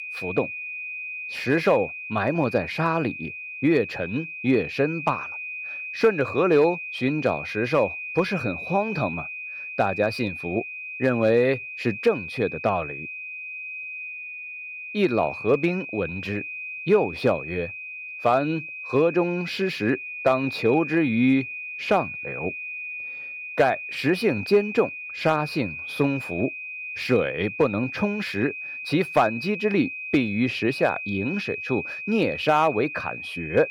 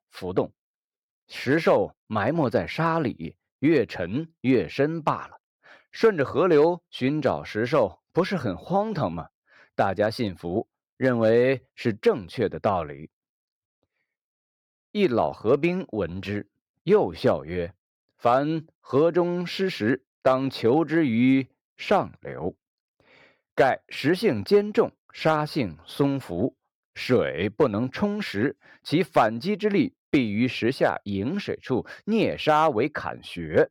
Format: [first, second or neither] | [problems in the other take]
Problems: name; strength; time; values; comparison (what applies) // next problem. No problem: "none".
second | high-pitched whine; loud; throughout; 2.5 kHz, 8 dB below the speech